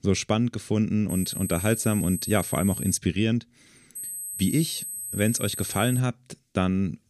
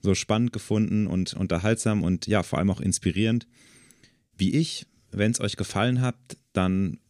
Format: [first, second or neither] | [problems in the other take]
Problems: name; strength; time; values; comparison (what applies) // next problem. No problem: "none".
second | high-pitched whine; loud; from 1 to 3 s and from 4 to 6 s; 8 kHz, 7 dB below the speech